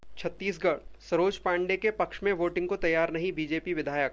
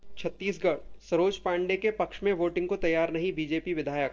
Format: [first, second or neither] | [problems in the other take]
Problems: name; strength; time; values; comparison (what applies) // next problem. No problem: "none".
first | noise reduction (neural separator model SepFormer DNS4)